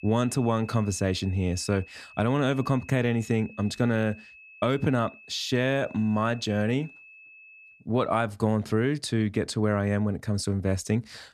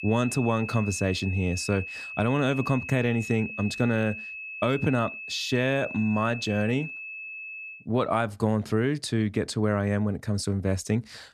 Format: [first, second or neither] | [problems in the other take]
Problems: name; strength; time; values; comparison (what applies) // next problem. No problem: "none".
first | high-pitched whine; loud; until 8 s; 2.5 kHz, 9 dB below the speech; faint in the first